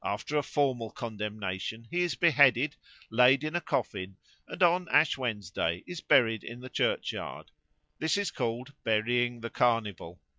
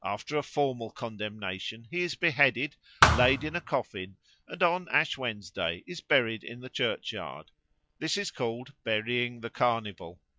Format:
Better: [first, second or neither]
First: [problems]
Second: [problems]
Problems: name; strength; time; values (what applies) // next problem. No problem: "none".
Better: first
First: none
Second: background sound (Thump, thud); 3 dB above the speech